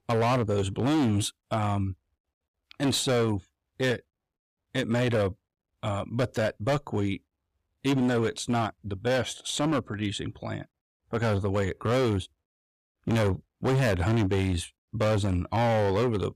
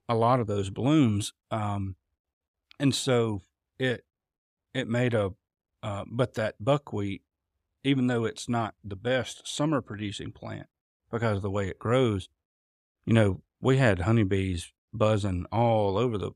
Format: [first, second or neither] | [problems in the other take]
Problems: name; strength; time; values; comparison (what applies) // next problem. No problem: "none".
second | distortion; heavy; 14% of the sound clipped